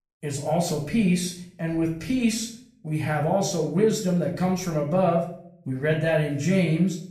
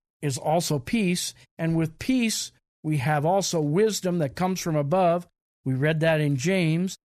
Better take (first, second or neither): second